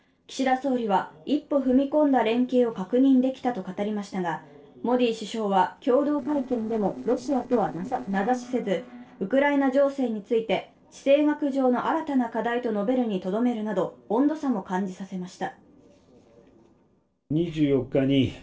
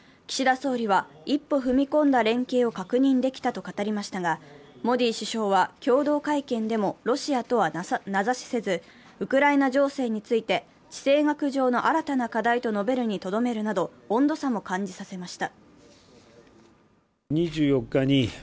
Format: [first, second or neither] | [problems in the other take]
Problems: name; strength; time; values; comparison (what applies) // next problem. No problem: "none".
second | noise reduction (neural separator model SepFormer DNS4)